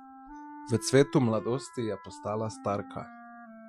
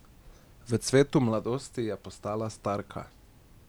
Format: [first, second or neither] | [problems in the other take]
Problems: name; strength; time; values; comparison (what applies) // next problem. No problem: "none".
second | noise reduction (classical method Wiener filter)